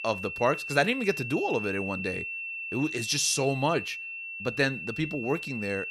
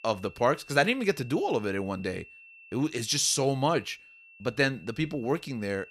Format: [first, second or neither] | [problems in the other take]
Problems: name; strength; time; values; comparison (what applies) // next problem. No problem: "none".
second | high-pitched whine; loud; throughout; 2.5 kHz, 6 dB below the speech; faint in the second